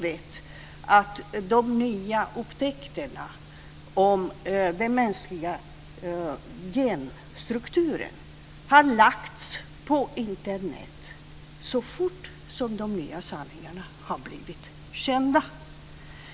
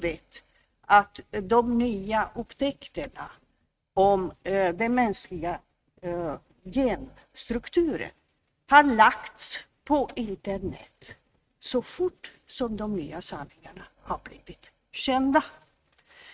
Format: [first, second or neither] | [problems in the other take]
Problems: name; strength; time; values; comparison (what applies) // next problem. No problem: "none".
first | noise reduction (neural mask model RNNoise)